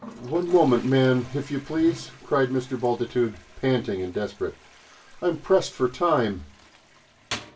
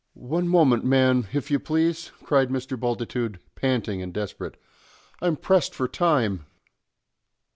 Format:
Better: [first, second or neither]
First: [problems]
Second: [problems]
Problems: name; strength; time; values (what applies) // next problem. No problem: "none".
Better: second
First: background sound (Toilet flush); 19 dB below the speech // room echo; dies away in 0.2 s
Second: none